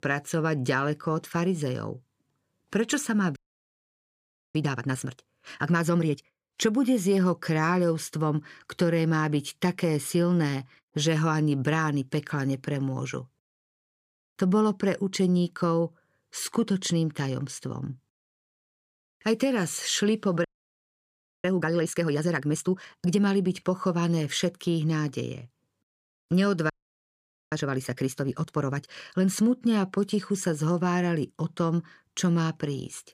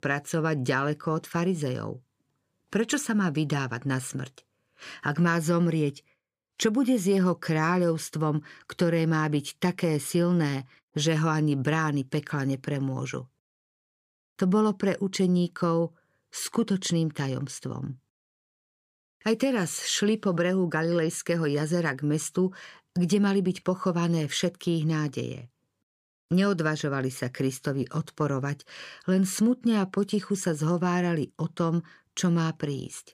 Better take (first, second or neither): second